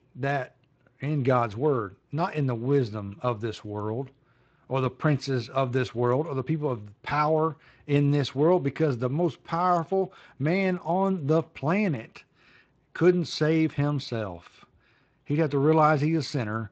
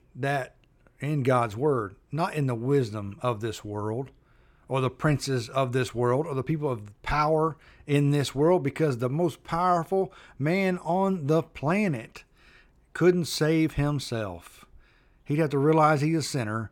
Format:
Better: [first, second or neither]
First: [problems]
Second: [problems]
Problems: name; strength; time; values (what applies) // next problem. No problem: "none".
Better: second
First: garbled, watery; slightly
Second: none